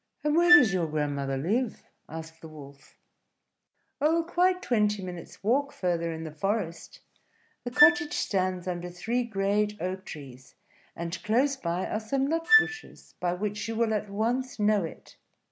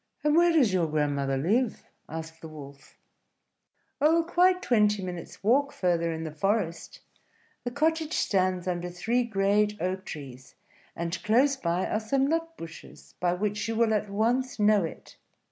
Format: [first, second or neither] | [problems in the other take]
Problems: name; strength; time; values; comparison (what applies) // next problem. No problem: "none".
second | background sound (Wind instrument, woodwind instrument); as loud as the speech